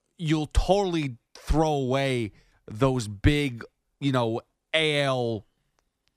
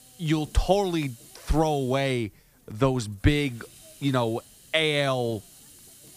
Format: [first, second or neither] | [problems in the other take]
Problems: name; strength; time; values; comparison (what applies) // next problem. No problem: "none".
first | hiss; faint; throughout; 25 dB below the speech